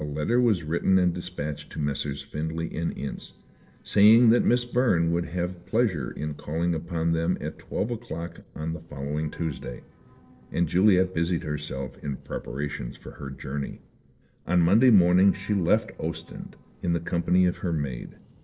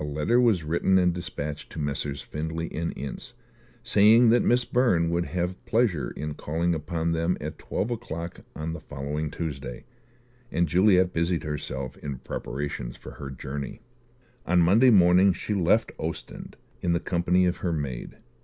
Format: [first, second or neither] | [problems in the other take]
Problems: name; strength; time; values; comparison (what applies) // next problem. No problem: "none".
second | noise reduction (neural separator model SepFormer DNS4)